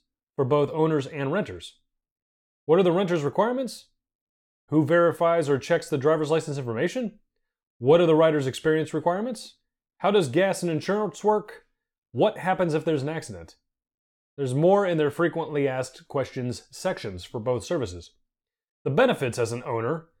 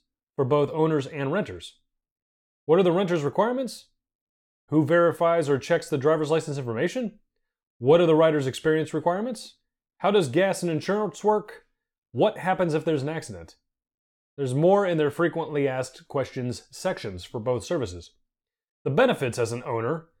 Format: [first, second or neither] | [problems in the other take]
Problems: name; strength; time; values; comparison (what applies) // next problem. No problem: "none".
neither | none